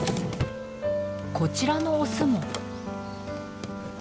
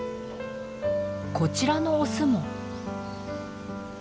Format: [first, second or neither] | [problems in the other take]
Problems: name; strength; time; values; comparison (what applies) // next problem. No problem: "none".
second | background sound (Drawer open or close); 7 dB below the speech